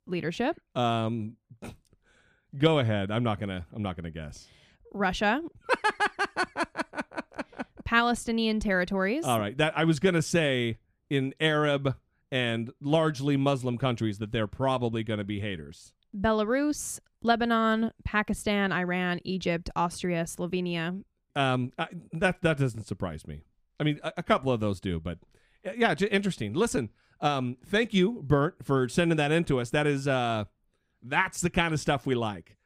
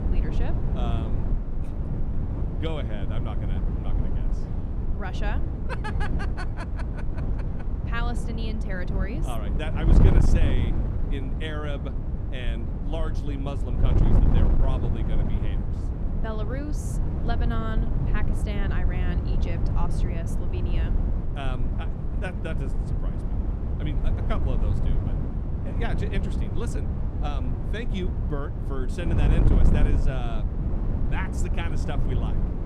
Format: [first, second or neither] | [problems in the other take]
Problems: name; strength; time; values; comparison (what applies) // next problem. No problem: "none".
first | wind noise on the microphone; heavy; 2 dB below the speech